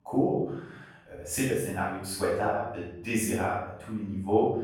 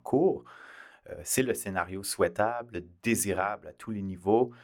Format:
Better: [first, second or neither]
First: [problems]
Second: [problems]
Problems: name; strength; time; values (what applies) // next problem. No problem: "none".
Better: second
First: off-mic speech; far // room echo; noticeable; dies away in 0.9 s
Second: none